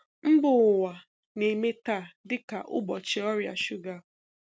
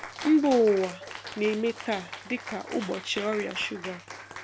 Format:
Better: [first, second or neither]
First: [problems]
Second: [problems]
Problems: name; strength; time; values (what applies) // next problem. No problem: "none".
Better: first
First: none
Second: background sound (Cheering); 13 dB below the speech